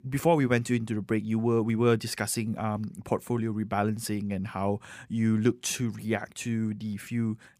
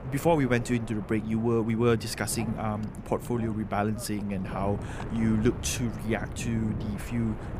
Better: first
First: none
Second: wind noise on the microphone; occasional gusts; 10 dB below the speech

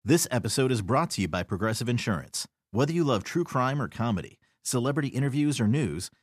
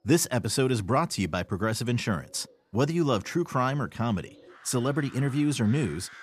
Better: first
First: none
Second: animal sounds; faint; throughout; 25 dB below the speech

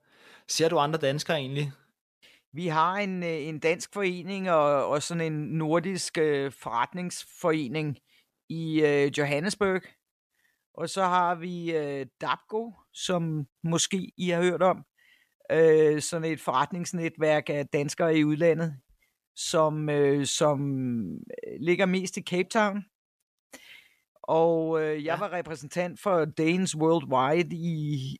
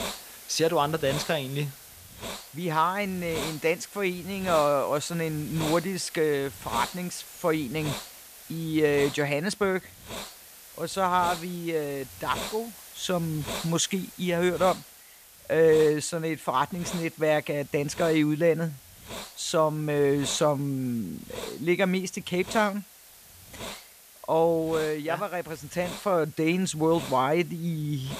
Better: first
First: none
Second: hiss; noticeable; throughout; 15 dB below the speech

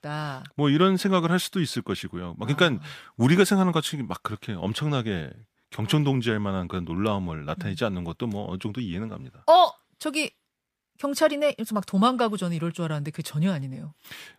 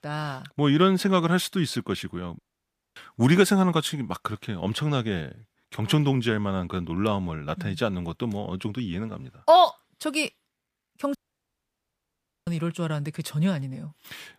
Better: first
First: none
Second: audio cutting out; at 2.5 s for 0.5 s and at 11 s for 1.5 s

